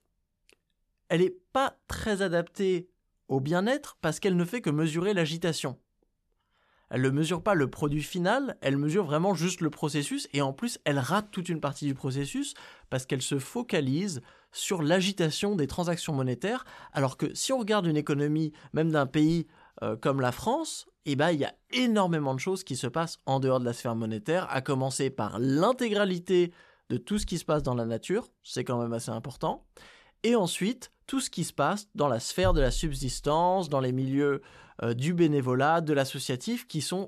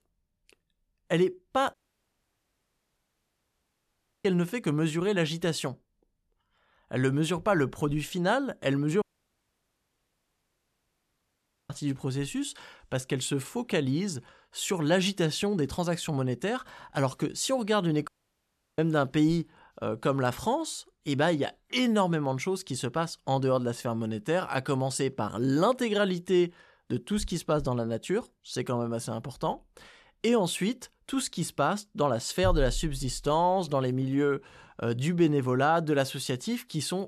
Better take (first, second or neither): first